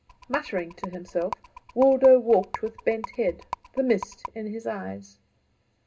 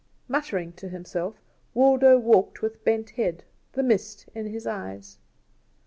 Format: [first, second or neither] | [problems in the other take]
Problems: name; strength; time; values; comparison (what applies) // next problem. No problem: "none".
second | background sound (Rattle); 14 dB below the speech // room echo; dies away in 0.2 s